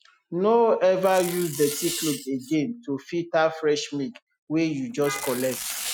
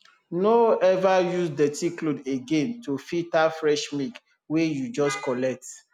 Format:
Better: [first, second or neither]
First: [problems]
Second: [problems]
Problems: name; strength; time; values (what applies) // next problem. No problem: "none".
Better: second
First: noise reduction (classical method Wiener filter)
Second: none